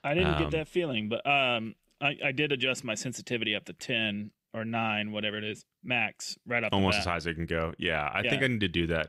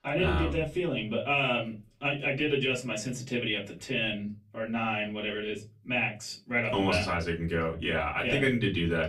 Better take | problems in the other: first | off-mic speech; far // room echo; very slight; dies away in 0.3 s

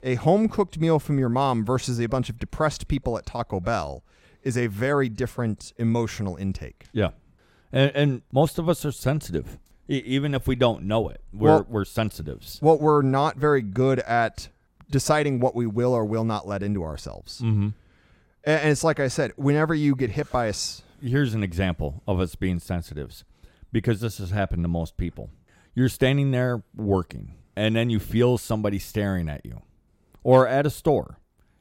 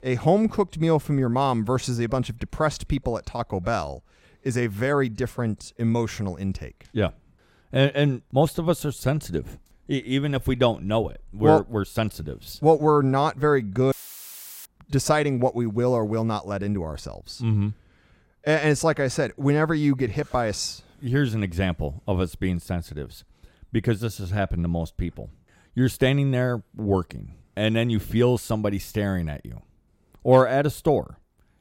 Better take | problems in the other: first | audio cutting out; filled with static; at 14 s for 0.5 s

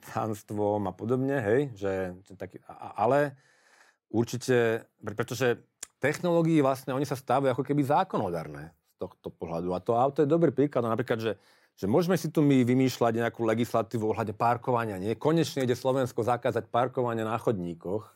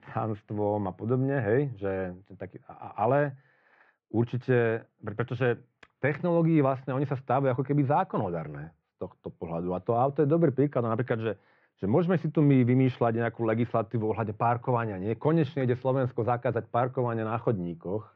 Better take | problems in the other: first | muffled; very; fading above 3 kHz

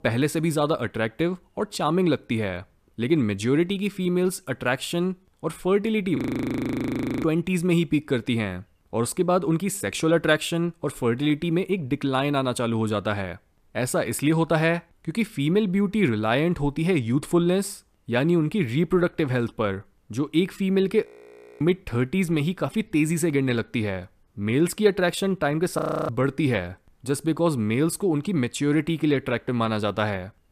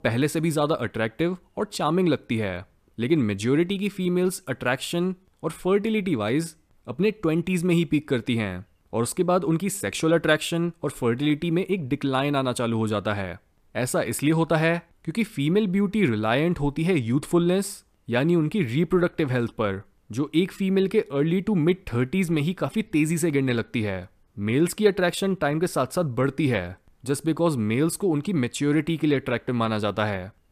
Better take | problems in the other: second | audio freezing; at 6 s for 1 s, at 21 s for 0.5 s and at 26 s

